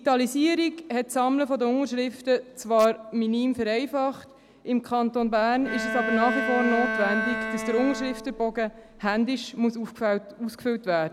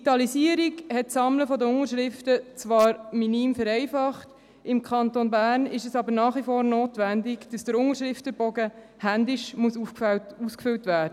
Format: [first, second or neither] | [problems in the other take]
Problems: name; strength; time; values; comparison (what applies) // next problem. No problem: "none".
second | background sound (Bowed string instrument); 5 dB below the speech